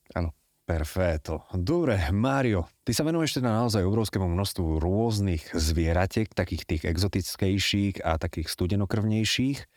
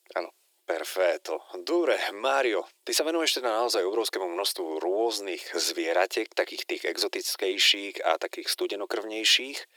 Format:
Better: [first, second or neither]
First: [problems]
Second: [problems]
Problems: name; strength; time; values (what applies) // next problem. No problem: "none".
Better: first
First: none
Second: thin; very; fading below 350 Hz